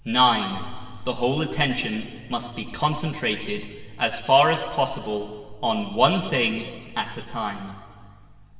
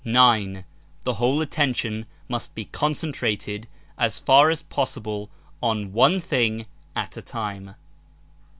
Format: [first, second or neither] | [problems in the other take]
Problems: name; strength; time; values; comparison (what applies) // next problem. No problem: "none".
second | room echo; dies away in 2.1 s